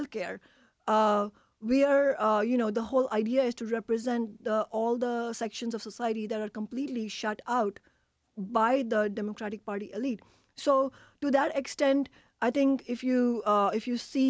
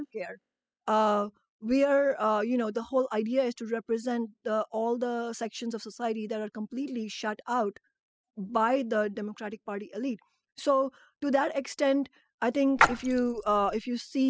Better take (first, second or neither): first